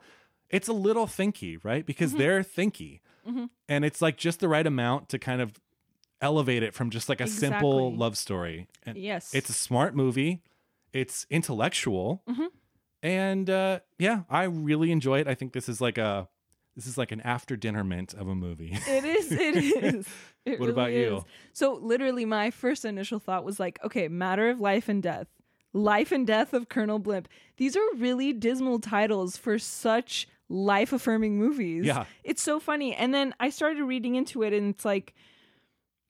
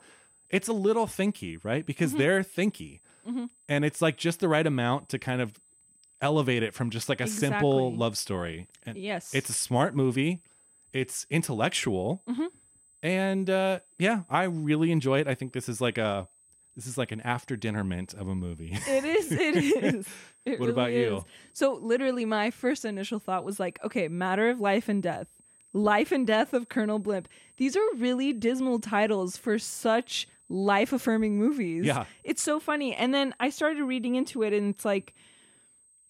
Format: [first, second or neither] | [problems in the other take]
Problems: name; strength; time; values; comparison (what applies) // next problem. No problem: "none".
first | high-pitched whine; faint; throughout; 8 kHz, 30 dB below the speech